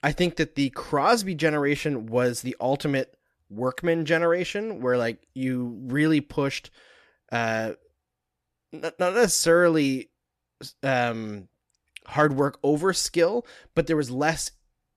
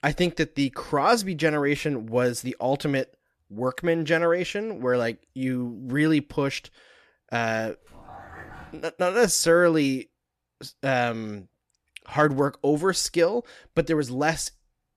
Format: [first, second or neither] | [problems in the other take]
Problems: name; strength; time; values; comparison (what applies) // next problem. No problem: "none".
first | dog barking; faint; from 7.5 to 9 s; peak 20 dB below the speech